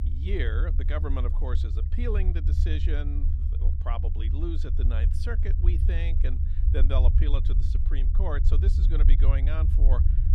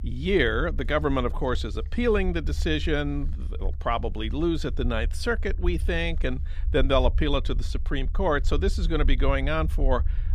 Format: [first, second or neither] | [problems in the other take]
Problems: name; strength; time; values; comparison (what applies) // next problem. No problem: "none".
second | low rumble; loud; throughout; 6 dB below the speech; faint in the second